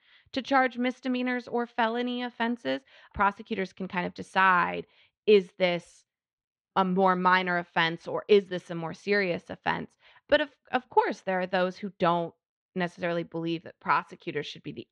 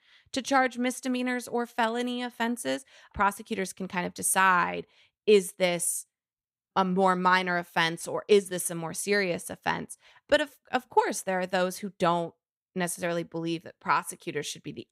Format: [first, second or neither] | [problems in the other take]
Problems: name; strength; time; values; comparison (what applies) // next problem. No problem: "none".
second | muffled; slightly; fading above 4 kHz